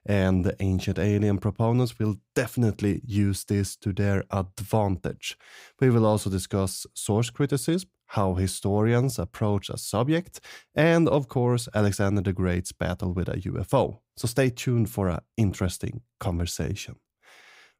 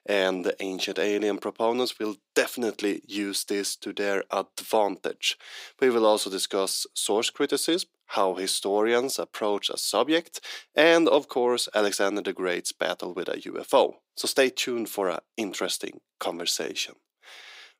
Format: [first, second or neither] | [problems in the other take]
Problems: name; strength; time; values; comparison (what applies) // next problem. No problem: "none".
first | thin; very; fading below 300 Hz